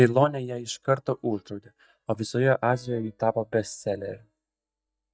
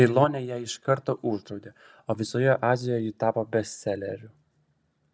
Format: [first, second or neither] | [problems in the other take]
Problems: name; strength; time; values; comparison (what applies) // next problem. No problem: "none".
second | noise reduction (neural mask model DeepFilterNet 3)